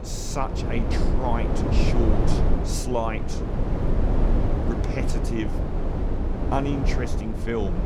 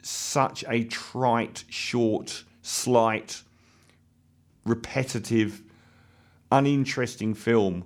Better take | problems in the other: second | low rumble; loud; throughout; 1 dB below the speech

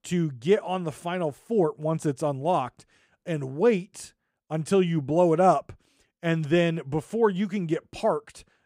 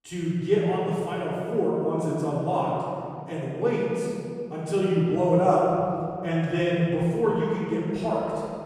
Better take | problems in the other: first | room echo; strong; dies away in 2.4 s // off-mic speech; far

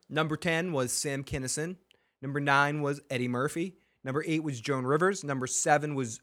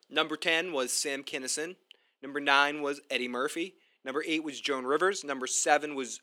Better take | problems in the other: first | thin; somewhat; fading below 300 Hz

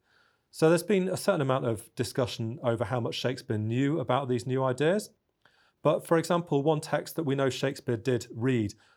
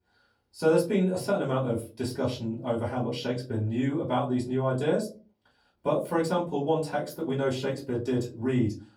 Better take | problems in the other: first | off-mic speech; far // room echo; very slight; dies away in 0.3 s

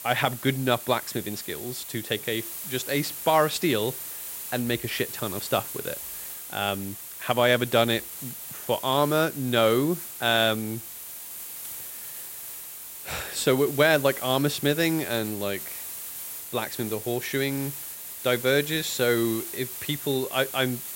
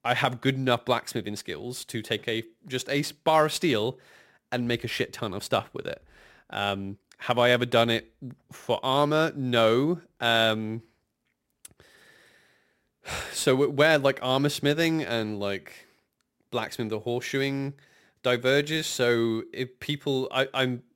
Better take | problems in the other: second | hiss; loud; throughout; 9 dB below the speech

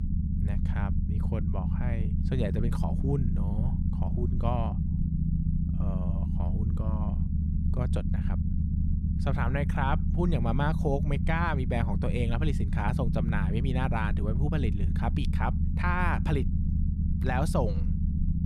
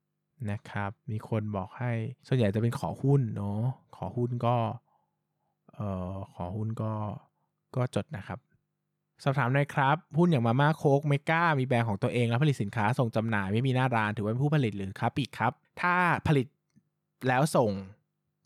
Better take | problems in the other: second | low rumble; loud; throughout; 7 dB below the speech

